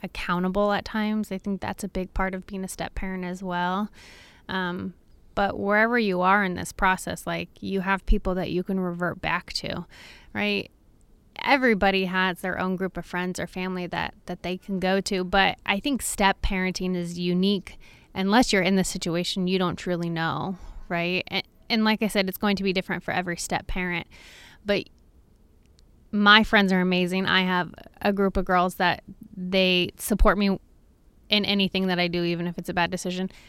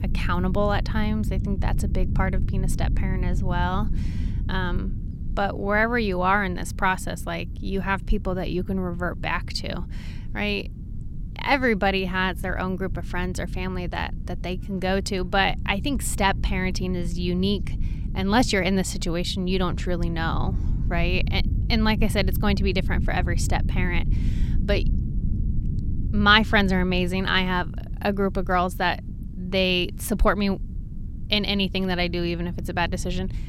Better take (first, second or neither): first